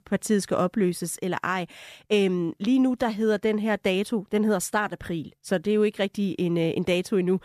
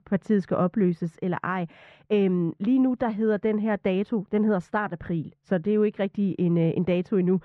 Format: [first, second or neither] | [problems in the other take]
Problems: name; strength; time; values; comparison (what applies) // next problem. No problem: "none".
first | muffled; very; fading above 2 kHz